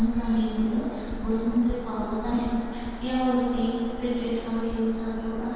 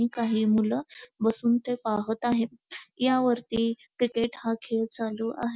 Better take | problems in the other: second | background sound (Bird vocalization, bird call, bird song); 8 dB below the speech // room echo; dies away in 2.1 s

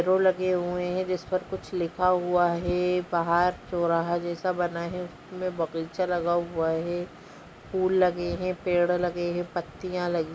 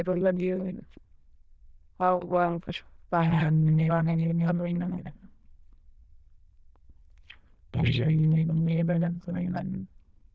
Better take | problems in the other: first | noise reduction (neural diffusion model UNIVERSE++)

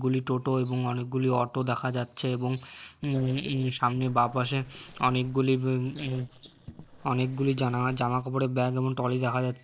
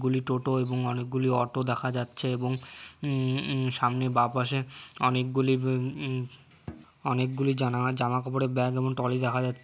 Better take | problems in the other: second | noise reduction (neural separator model SepFormer DNS4)

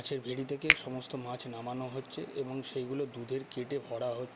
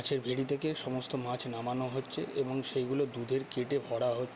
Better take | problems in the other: second | background sound (Finger snapping); 1 dB above the speech

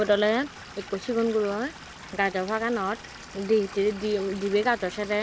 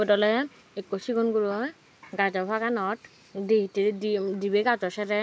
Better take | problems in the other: second | background sound (Stream / Liquid); 16 dB below the speech

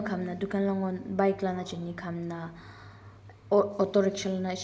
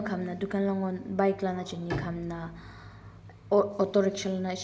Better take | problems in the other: first | background sound (Bowed string instrument); 15 dB below the speech

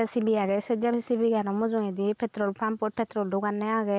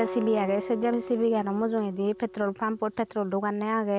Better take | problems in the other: first | background sound (Acoustic guitar); 13 dB below the speech

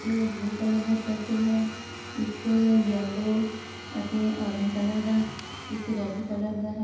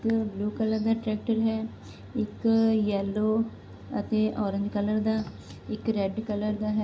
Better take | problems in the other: second | background sound (Domestic sounds, home sounds); 14 dB below the speech // room echo; dies away in 0.8 s

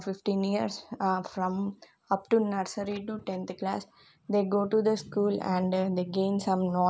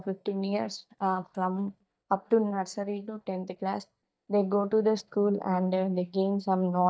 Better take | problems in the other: first | noise reduction (neural mask model DeepFilterNet 3)

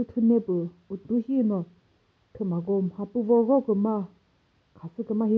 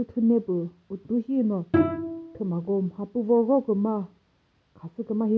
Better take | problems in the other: first | background sound (Bowed string instrument); 4 dB below the speech

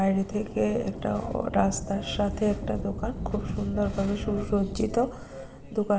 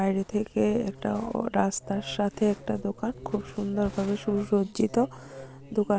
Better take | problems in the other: second | background sound (Thunder / Rain); 8 dB below the speech // room echo; dies away in 1.6 s

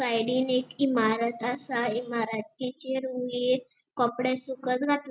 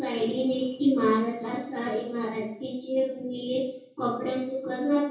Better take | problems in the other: first | room echo; dies away in 0.6 s

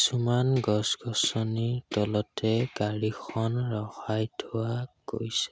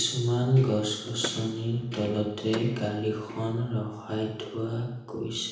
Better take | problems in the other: first | background sound (Door / Car); 17 dB below the speech // room echo; dies away in 0.9 s

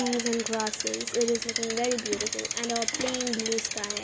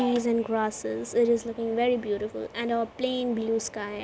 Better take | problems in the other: second | background sound (Bicycle); 2 dB below the speech

